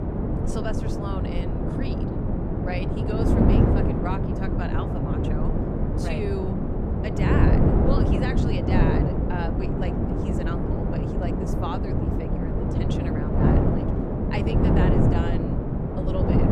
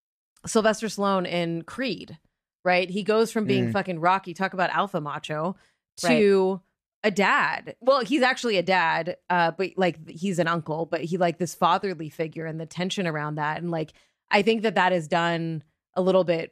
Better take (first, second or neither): second